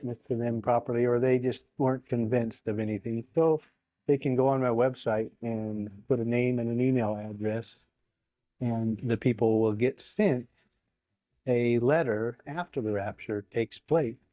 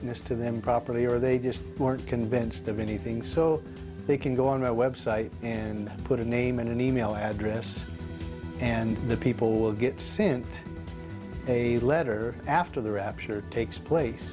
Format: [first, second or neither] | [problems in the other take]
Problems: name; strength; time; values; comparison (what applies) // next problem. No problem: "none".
second | noise reduction (neural mask model DeepFilterNet 3)